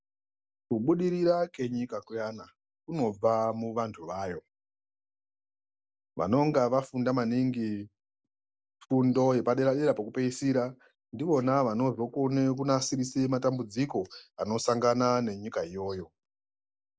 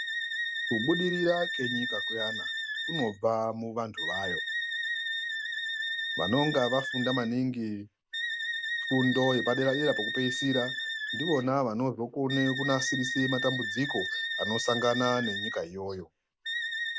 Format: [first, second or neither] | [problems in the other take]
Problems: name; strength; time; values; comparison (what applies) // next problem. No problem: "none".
first | background sound (Wind instrument, woodwind instrument); 3 dB below the speech